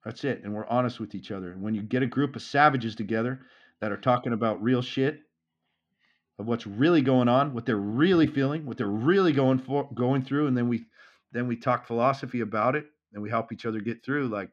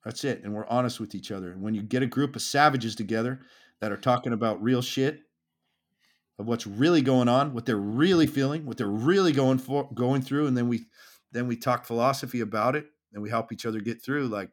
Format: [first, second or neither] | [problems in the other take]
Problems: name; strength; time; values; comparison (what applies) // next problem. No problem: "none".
second | muffled; slightly; fading above 2.5 kHz